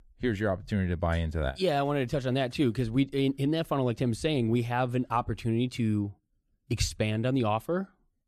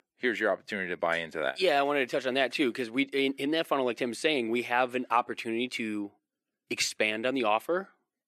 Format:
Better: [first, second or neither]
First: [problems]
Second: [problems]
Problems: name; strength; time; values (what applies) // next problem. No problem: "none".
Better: first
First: none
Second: thin; somewhat; fading below 300 Hz